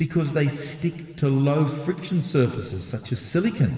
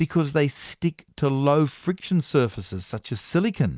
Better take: second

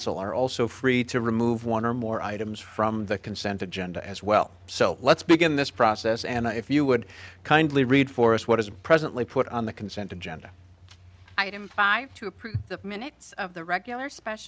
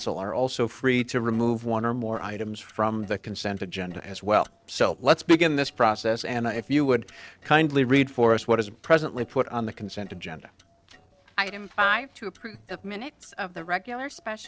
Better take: first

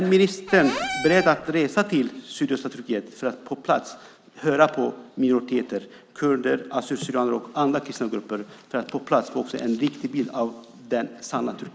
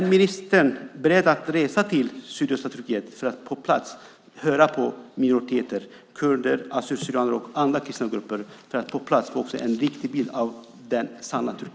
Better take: second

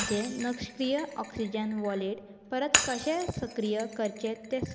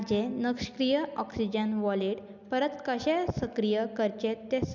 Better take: second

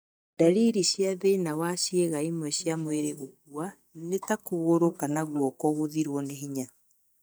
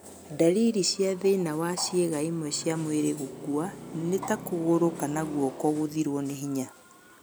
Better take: second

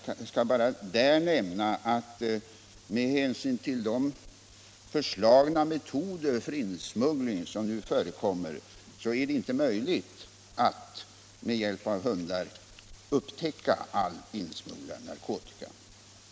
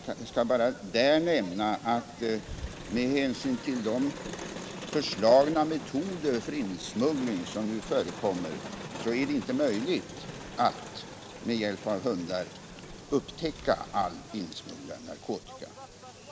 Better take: first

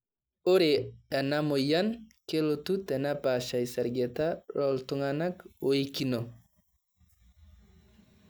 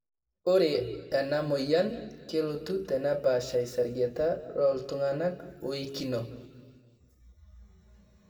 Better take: first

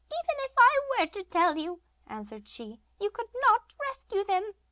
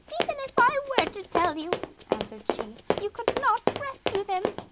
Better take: first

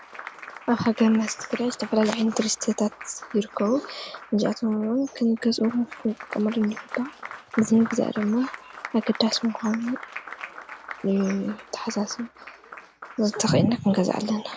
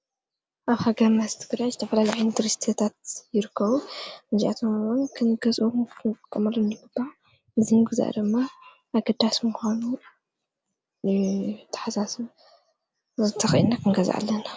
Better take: second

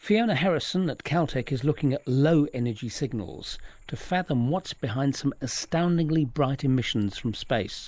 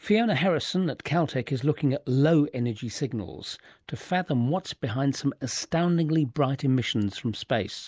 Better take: second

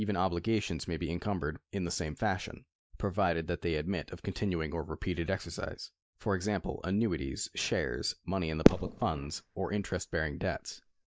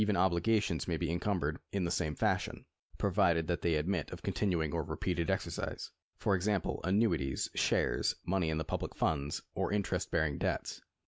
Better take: second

